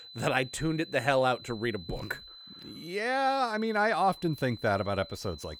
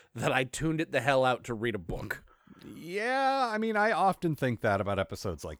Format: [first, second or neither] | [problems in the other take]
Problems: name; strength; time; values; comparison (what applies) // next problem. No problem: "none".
second | high-pitched whine; noticeable; throughout; 4 kHz, 15 dB below the speech